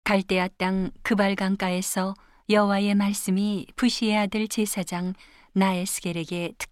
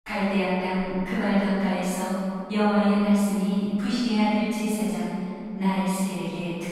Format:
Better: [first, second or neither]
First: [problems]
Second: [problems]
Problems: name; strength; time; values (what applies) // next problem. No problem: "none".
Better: first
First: none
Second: off-mic speech; far // room echo; strong; dies away in 2.7 s